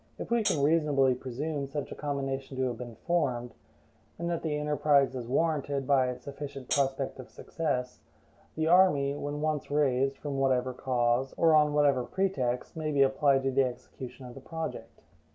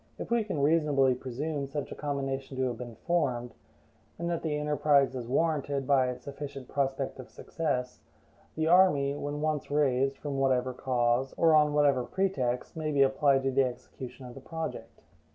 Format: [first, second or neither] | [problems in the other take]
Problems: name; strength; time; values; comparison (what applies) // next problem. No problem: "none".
second | background sound (Hi-hat); 7 dB below the speech